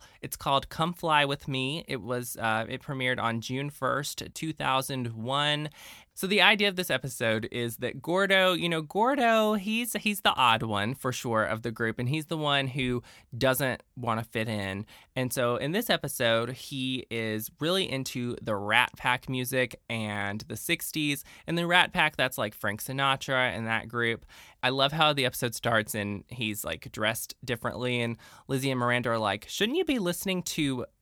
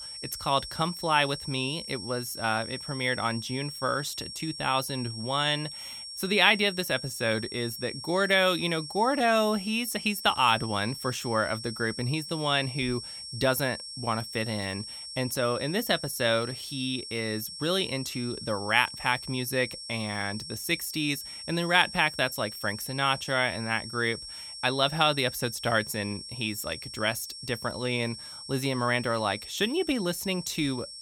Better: first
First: none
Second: high-pitched whine; loud; throughout; 5.5 kHz, 10 dB below the speech

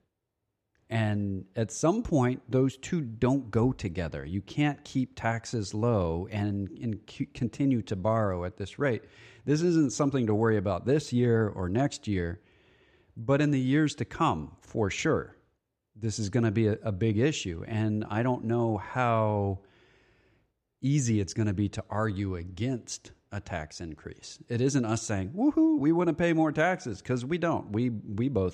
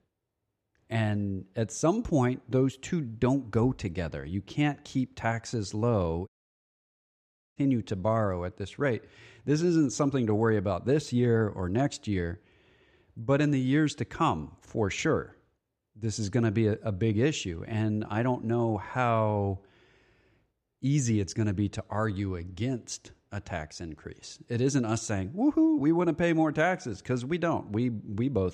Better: first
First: none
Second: audio cutting out; at 6.5 s for 1.5 s

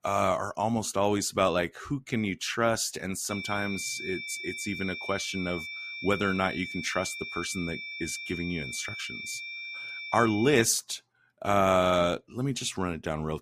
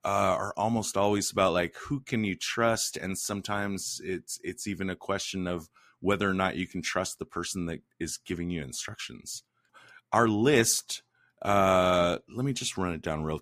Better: second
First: high-pitched whine; loud; from 3.5 to 11 s; 2.5 kHz, 7 dB below the speech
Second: none

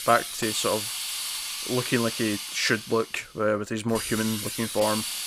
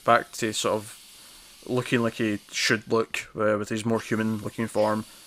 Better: second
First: hiss; loud; throughout; 4 dB below the speech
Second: hiss; faint; throughout; 20 dB below the speech

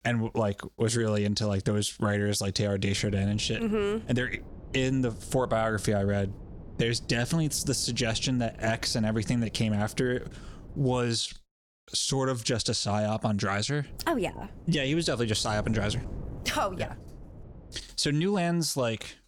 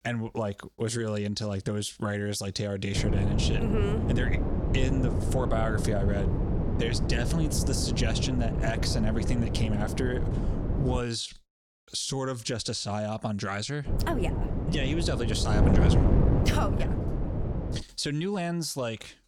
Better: first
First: wind noise on the microphone; occasional gusts; from 3 to 11 s and from 14 to 18 s; 20 dB below the speech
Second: wind noise on the microphone; heavy; from 3 to 11 s and from 14 to 18 s; 3 dB below the speech

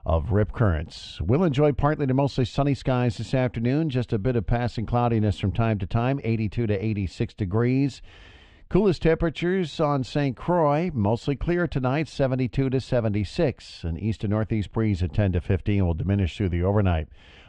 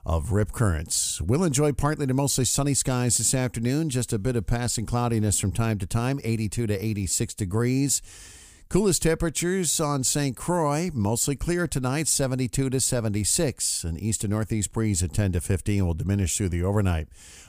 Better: second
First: muffled; very; fading above 3.5 kHz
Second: none

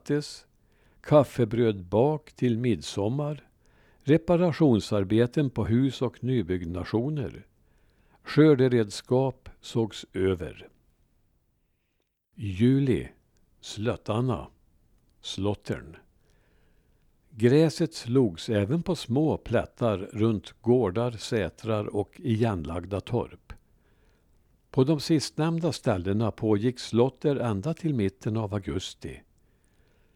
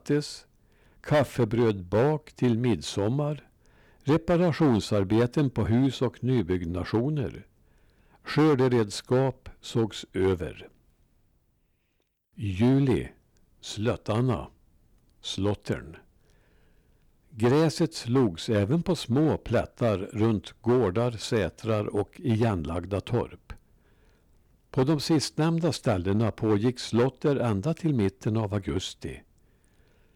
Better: first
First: none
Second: distortion; slight; 5% of the sound clipped

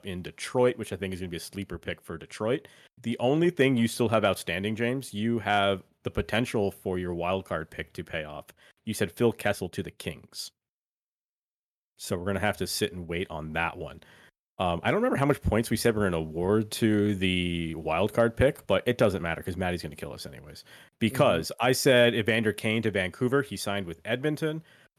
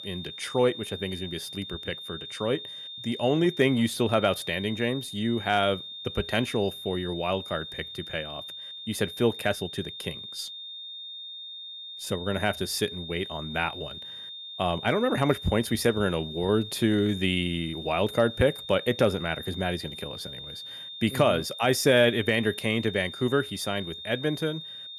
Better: first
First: none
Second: high-pitched whine; noticeable; throughout; 3.5 kHz, 10 dB below the speech

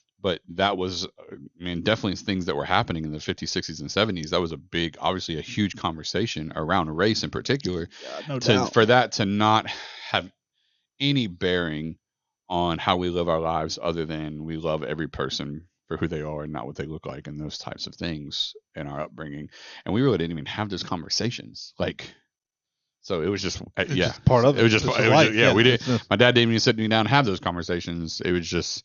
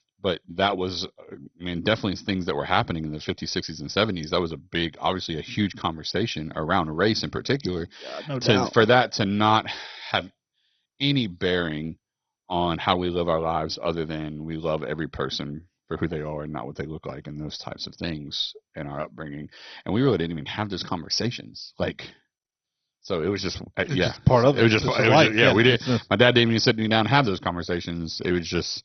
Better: first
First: garbled, watery; slightly; nothing above 6.5 kHz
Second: garbled, watery; badly; nothing above 6 kHz

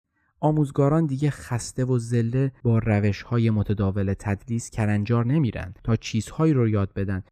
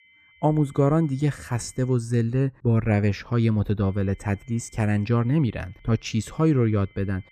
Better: first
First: none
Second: high-pitched whine; faint; until 2 s and from 4 s on; 2 kHz, 30 dB below the speech

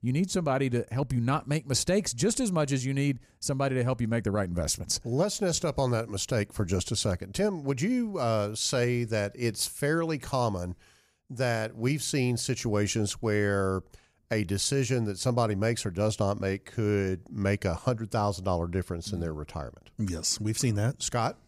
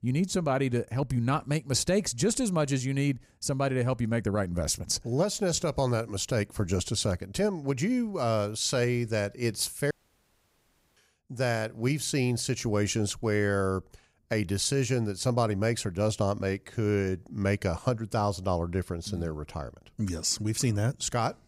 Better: first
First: none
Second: audio cutting out; at 10 s for 1 s

